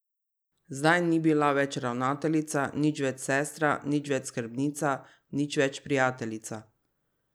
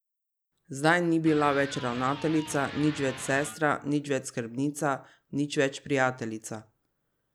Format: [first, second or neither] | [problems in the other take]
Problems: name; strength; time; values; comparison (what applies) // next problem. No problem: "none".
first | background sound (Electric guitar); 14 dB below the speech